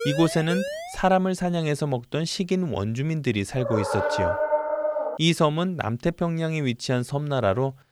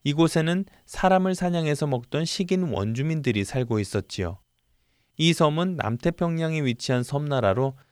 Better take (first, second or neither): second